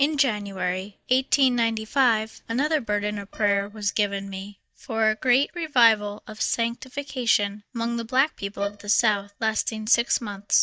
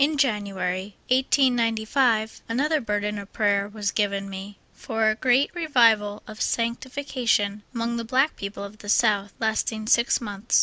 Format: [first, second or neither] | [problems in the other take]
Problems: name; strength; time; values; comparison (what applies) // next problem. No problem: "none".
second | noise reduction (neural mask model DeepFilterNet 3)